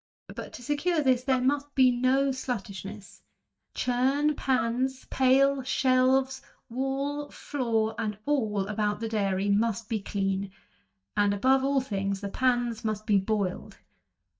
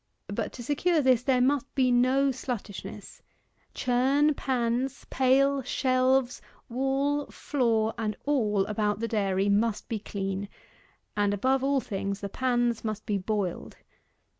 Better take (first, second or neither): second